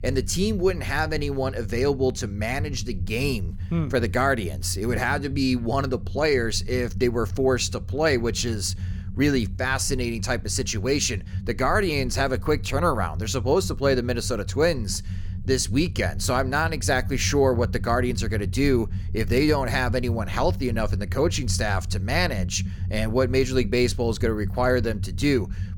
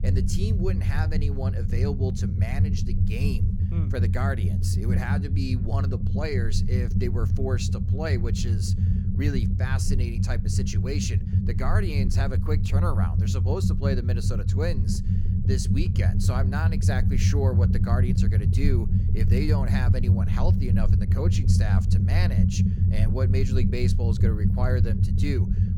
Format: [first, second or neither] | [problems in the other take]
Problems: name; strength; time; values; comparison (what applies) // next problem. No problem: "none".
first | low rumble; loud; throughout; 2 dB below the speech; faint in the first